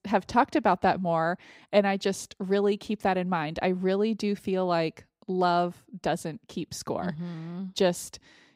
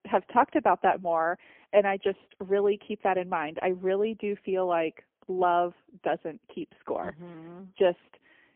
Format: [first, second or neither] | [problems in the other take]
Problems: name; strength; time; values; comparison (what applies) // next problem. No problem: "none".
first | phone-call audio; poor line; nothing above 3 kHz